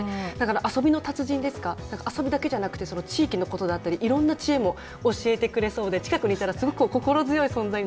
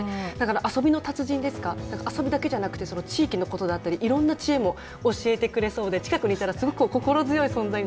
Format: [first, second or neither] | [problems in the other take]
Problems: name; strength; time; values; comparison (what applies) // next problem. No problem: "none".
first | background sound (Bowed string instrument); 17 dB below the speech